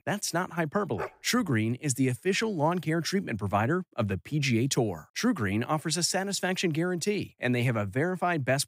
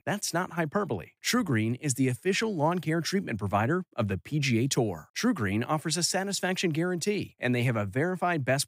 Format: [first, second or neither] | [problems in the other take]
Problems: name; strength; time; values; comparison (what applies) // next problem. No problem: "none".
second | dog barking; faint; at 1 s; peak 10 dB below the speech